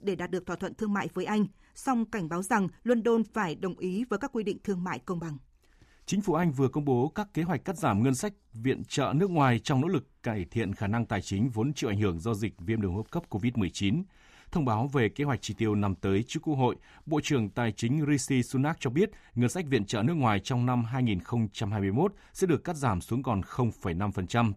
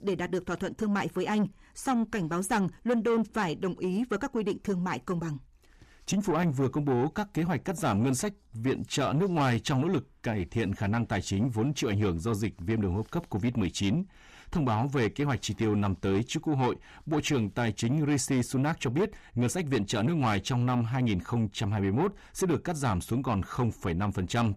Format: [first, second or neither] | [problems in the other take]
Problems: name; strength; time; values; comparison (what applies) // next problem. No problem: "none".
first | distortion; slight; 10 dB below the speech